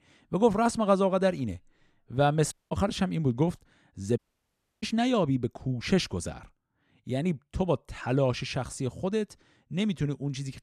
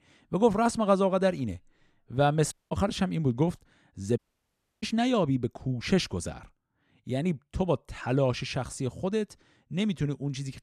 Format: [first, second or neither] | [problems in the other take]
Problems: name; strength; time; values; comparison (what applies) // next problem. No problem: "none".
neither | audio cutting out; at 2.5 s and at 4 s for 0.5 s; the same in both